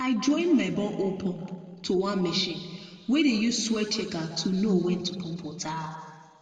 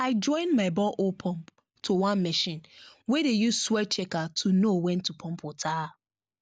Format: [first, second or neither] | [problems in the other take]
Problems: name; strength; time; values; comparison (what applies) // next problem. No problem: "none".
second | room echo; dies away in 2 s